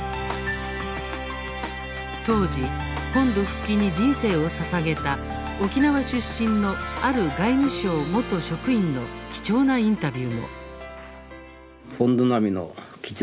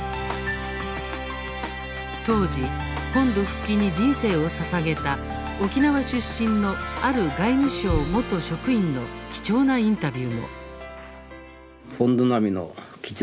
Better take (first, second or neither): first